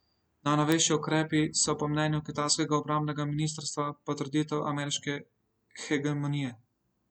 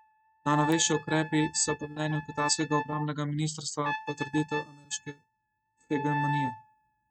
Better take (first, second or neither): first